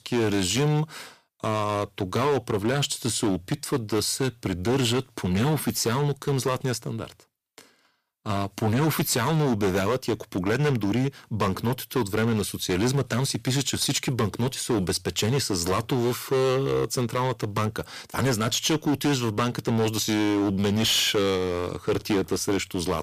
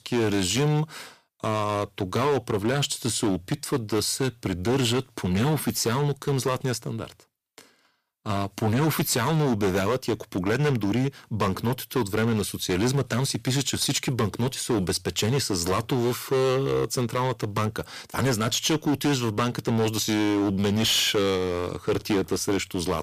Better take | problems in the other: neither | distortion; heavy; 12% of the sound clipped; the same in both

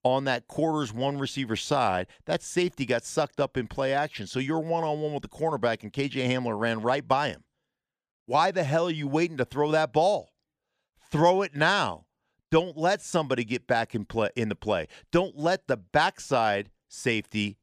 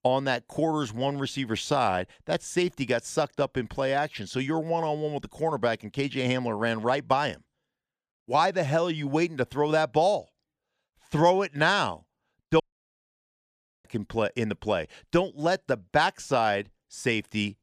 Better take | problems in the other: first | audio cutting out; at 13 s for 1 s

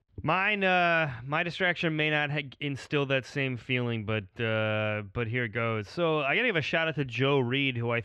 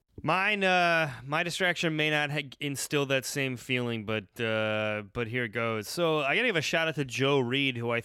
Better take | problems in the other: second | muffled; slightly; fading above 2.5 kHz

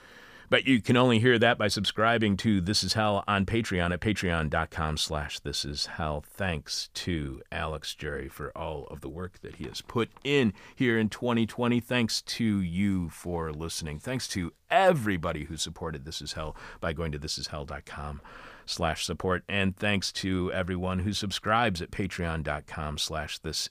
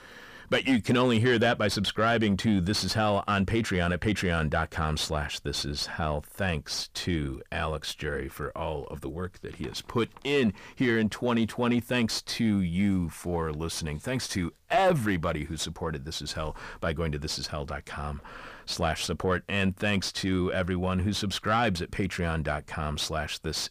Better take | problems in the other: first | distortion; slight; 10 dB below the speech

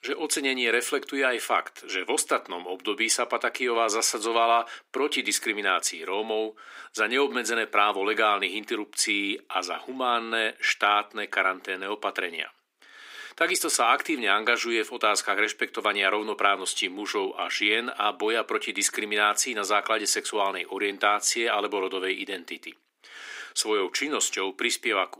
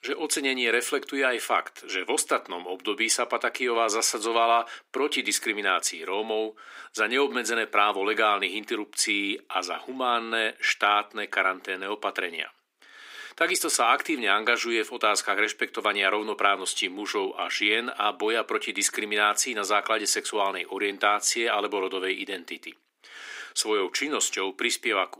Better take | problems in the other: neither | thin; very; fading below 300 Hz; the same in both

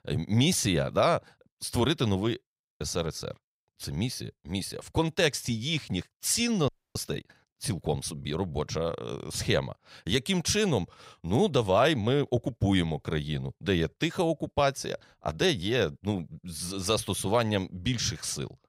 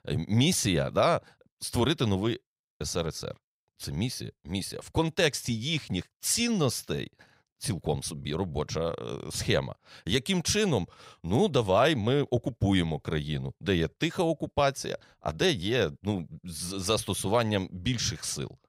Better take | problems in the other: second | audio freezing; at 6.5 s

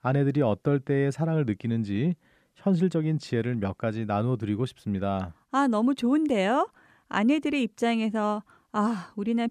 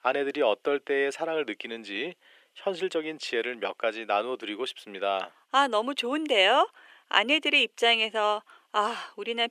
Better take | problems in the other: first | thin; very; fading below 400 Hz

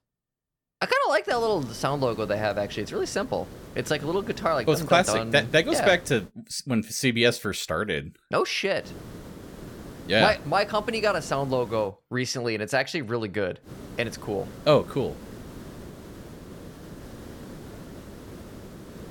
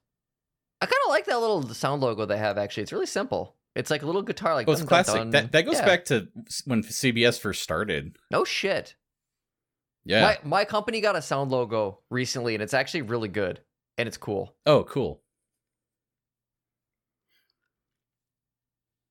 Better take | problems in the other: second | hiss; noticeable; from 1.5 to 6.5 s, from 9 to 12 s and from 14 s on; 15 dB below the speech

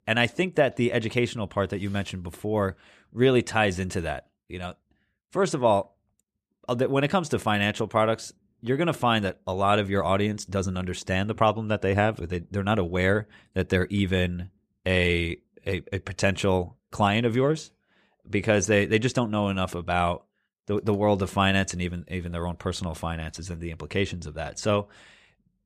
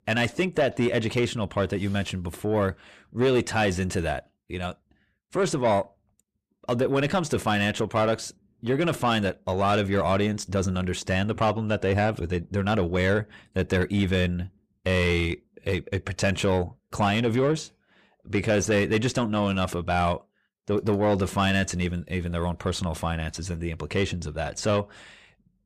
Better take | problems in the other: first | distortion; slight; 10 dB below the speech

